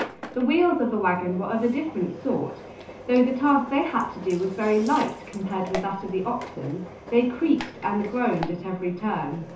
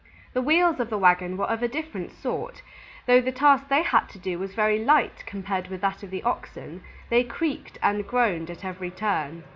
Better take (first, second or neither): second